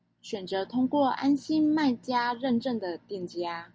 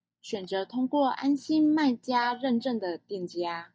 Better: first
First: none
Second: noise reduction (neural mask model DeepFilterNet 3)

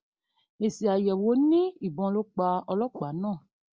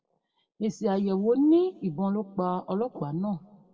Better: first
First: none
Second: room echo; dies away in 1.7 s

